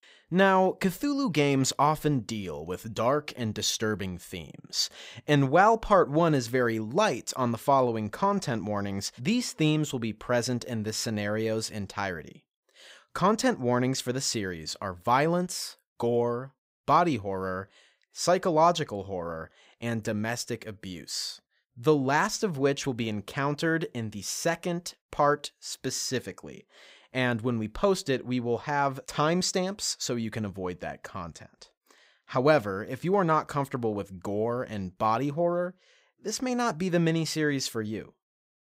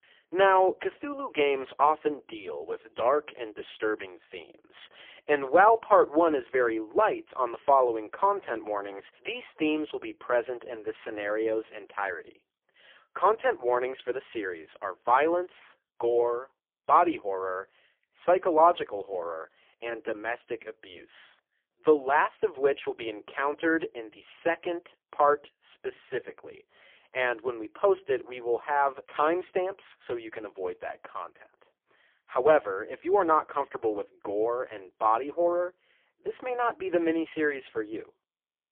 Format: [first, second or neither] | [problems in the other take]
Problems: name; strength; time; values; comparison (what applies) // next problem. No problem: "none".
first | phone-call audio; poor line; nothing above 3.5 kHz